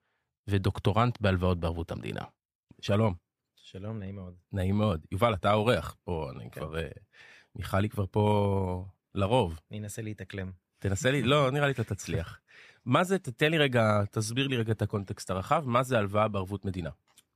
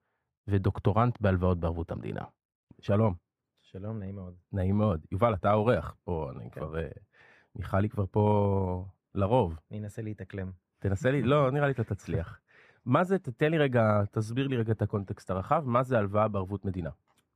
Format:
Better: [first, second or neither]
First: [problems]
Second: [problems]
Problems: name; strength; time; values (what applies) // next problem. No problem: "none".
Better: first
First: none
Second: muffled; slightly; fading above 2 kHz